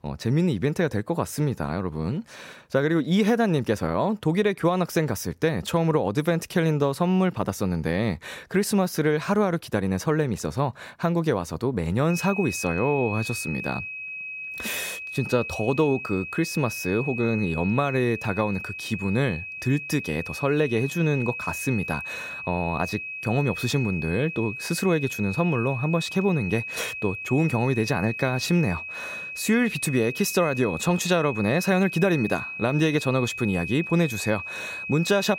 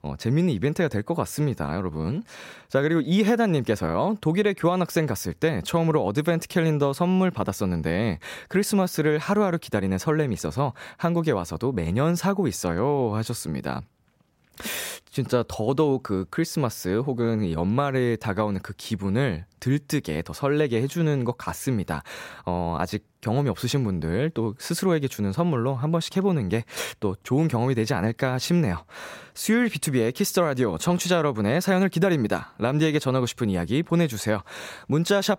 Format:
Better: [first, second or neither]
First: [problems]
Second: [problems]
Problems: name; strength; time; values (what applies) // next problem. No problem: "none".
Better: second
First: high-pitched whine; loud; from 12 s on; 2.5 kHz, 7 dB below the speech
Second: none